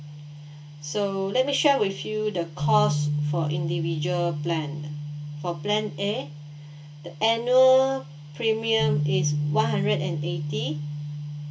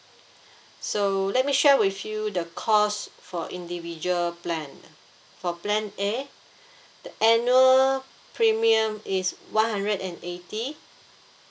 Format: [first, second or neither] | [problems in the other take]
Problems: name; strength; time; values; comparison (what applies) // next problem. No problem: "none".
second | background sound (Bass guitar); 3 dB below the speech // room echo; dies away in 0.2 s